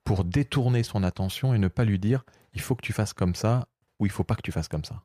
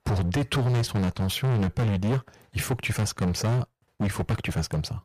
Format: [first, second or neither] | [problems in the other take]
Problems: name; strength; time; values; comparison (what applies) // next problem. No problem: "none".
first | distortion; heavy; 23% of the sound clipped